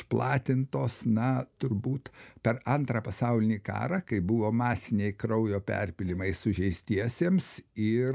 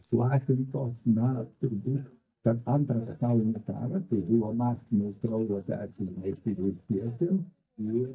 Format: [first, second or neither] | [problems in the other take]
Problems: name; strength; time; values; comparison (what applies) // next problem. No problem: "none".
first | noise reduction (neural mask model DeepFilterNet 3)